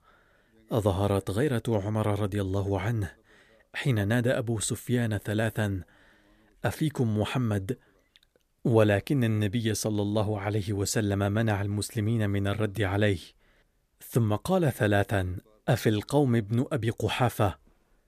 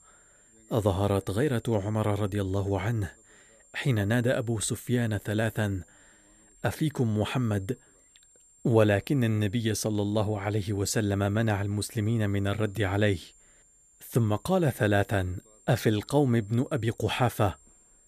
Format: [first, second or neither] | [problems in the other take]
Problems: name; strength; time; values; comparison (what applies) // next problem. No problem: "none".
first | high-pitched whine; faint; throughout; 7.5 kHz, 30 dB below the speech